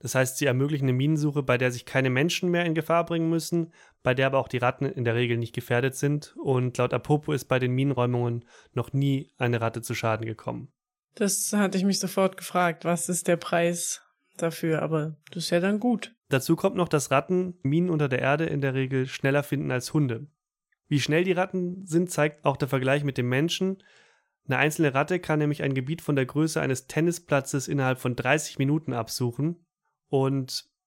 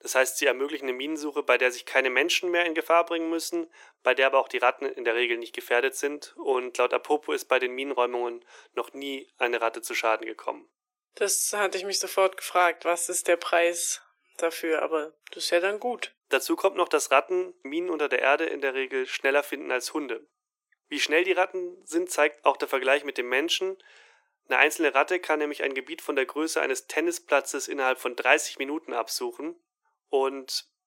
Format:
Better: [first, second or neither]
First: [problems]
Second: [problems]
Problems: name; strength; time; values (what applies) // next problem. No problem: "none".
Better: first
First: none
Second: thin; very; fading below 350 Hz